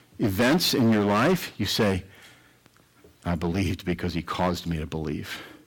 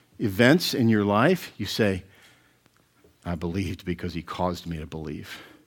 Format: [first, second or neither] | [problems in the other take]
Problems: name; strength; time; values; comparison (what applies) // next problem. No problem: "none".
second | distortion; heavy; 8% of the sound clipped